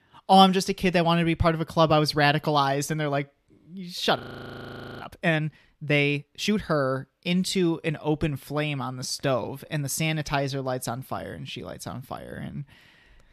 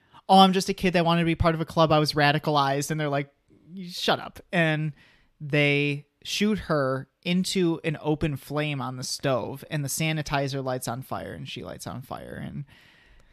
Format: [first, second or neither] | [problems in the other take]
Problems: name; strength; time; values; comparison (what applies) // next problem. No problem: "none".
second | audio freezing; at 4 s for 1 s